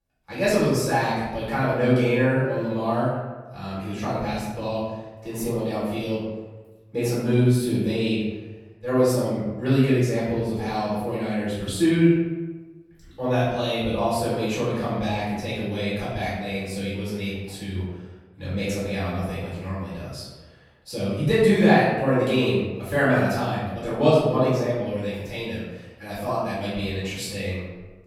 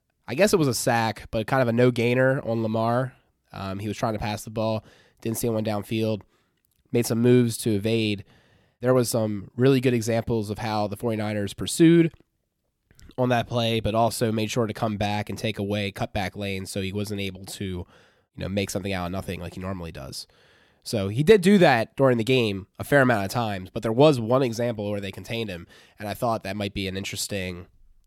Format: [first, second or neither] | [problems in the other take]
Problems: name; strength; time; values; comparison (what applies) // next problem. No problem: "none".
second | room echo; noticeable; dies away in 1 s // off-mic speech; far